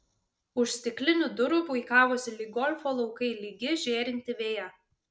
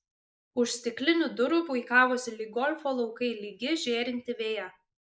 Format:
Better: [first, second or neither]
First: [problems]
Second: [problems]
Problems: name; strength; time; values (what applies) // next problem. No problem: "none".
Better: first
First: none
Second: noise reduction (neural mask model Resemble Enhance denoiser)